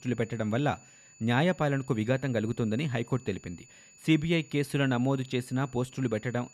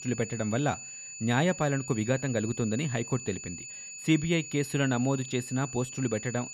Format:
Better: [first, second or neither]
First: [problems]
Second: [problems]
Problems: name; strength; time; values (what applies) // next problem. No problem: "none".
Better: first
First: high-pitched whine; faint; throughout; 7 kHz, 25 dB below the speech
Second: high-pitched whine; loud; throughout; 7 kHz, 10 dB below the speech